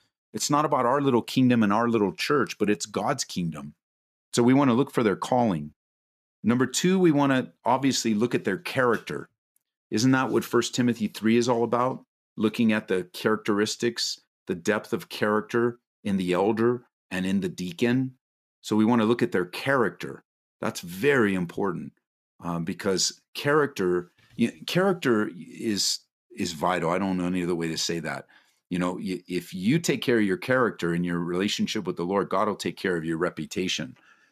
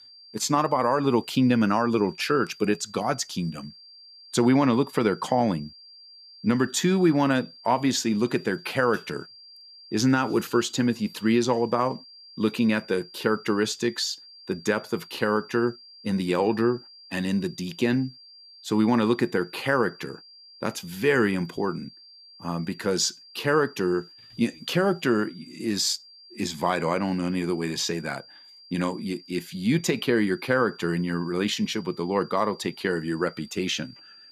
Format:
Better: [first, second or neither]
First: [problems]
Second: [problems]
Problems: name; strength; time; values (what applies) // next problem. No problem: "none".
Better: first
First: none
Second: high-pitched whine; faint; throughout; 4.5 kHz, 20 dB below the speech